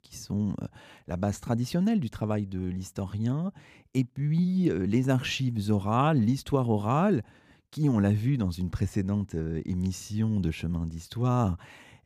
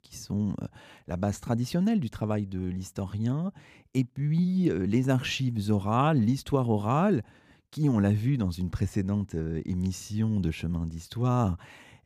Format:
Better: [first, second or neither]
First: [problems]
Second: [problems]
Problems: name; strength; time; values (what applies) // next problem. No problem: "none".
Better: neither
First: none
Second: none